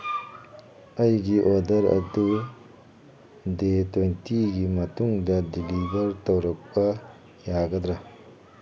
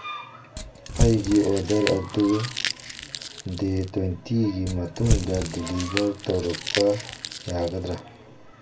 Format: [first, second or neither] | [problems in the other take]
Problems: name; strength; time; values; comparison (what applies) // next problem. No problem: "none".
first | background sound (Crumpling, crinkling / Crushing); 5 dB below the speech // room echo; dies away in 0.2 s